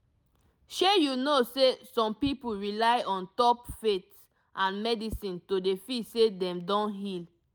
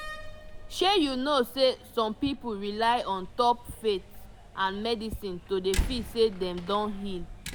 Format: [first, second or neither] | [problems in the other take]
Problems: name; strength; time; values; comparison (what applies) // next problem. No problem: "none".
first | background sound (Slam); 10 dB below the speech